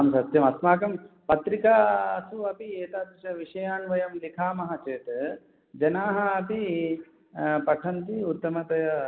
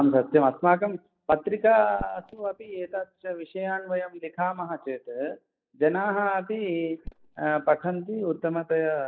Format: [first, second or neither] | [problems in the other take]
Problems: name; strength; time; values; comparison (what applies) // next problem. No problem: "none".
first | noise reduction (neural mask model DeepFilterNet 3)